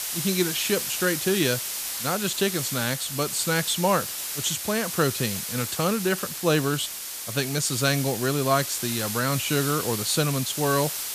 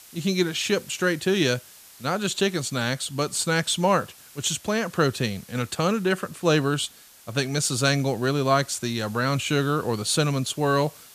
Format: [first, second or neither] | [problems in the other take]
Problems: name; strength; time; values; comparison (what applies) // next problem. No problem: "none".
second | hiss; loud; throughout; 4 dB below the speech; faint in the second